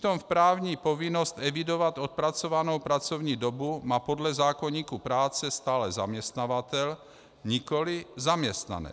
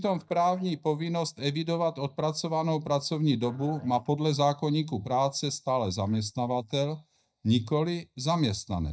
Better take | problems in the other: first | noise reduction (neural mask model DeepFilterNet 3)

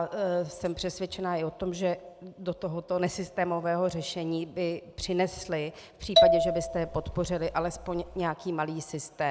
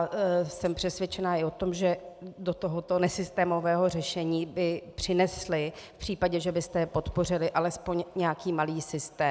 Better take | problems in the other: second | background sound (Marimba, xylophone); 4 dB above the speech

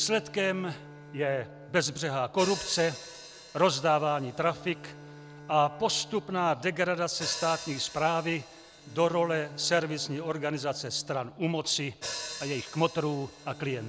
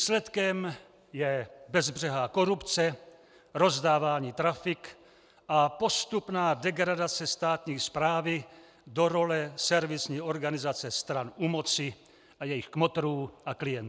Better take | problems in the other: second | background sound (Hi-hat + Bowed string instrument); 14 dB below the speech

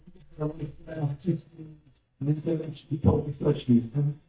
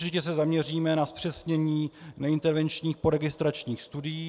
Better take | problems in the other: second | noise reduction (neural mask model DeepFilterNet 3)

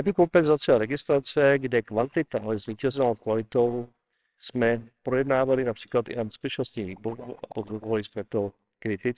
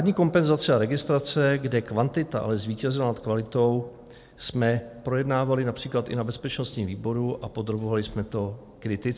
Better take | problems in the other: second | noise reduction (neural separator model SepFormer WHAMR!)

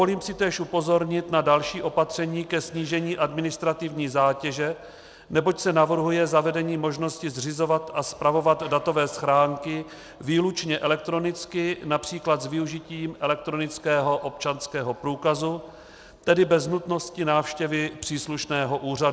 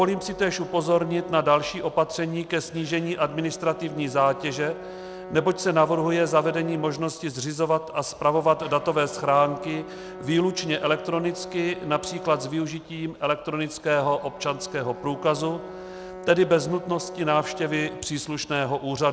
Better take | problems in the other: first | background sound (Brass instrument); 15 dB below the speech

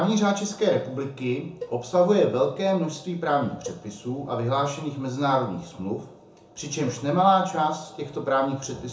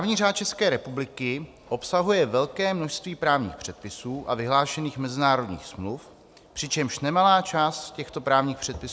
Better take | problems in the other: second | background sound (Cowbell); 19 dB below the speech // room echo; dies away in 0.6 s

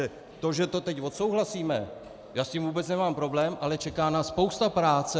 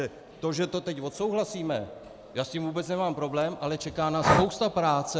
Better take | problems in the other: first | background sound (Breathing); 3 dB below the speech

